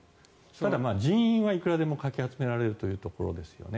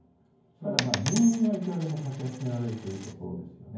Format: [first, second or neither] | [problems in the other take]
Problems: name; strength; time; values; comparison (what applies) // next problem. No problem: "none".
first | background sound (Coin (dropping)); 8 dB below the speech // room echo; dies away in 0.9 s